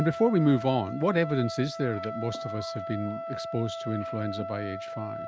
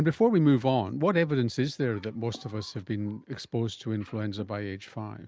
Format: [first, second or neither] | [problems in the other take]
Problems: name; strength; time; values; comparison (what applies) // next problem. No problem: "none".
second | background sound (Trumpet); 8 dB below the speech